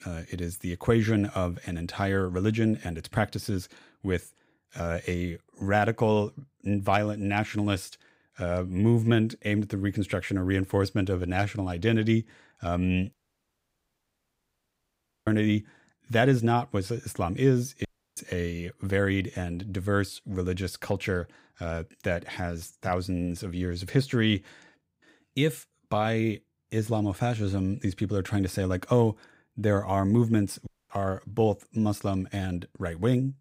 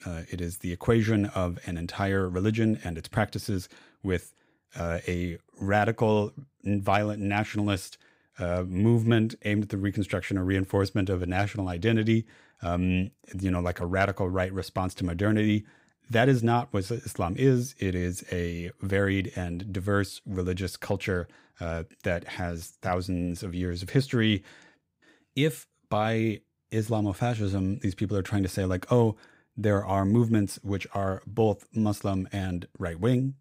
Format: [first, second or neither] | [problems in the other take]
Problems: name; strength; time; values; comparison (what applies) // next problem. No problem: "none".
second | audio cutting out; at 13 s for 2 s, at 18 s and at 31 s